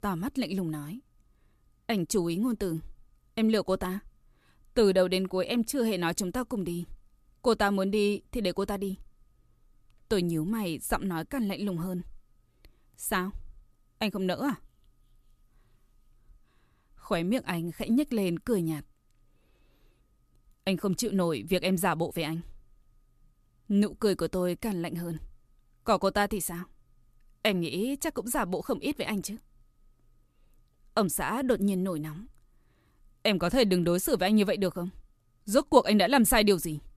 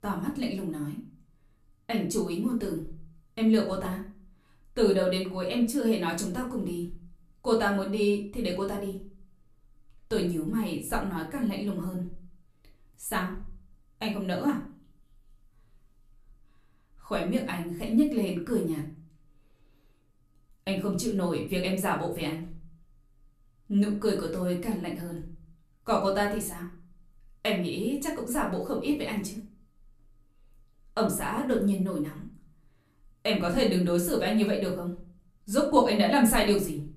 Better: first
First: none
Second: room echo; slight; dies away in 0.4 s // off-mic speech; far

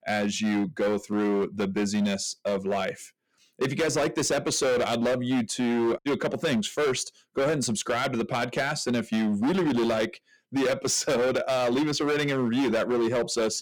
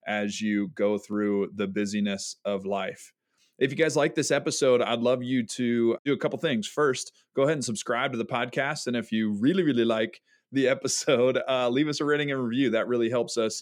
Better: second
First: distortion; heavy; 20% of the sound clipped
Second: none

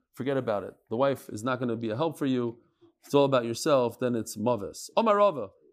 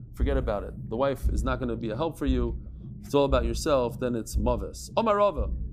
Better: first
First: none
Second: low rumble; faint; throughout; 25 dB below the speech

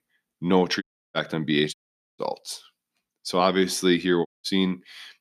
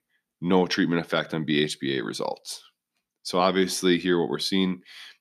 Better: second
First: audio cutting out; at 1 s, at 1.5 s and at 4.5 s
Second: none

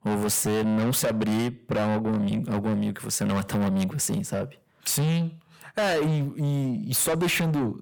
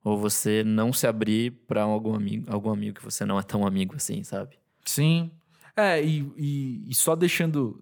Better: second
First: distortion; heavy; 7 dB below the speech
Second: none

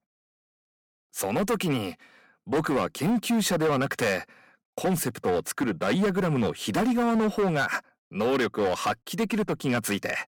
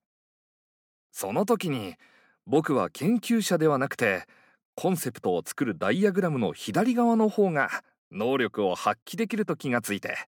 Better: second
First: distortion; heavy; 13% of the sound clipped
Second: none

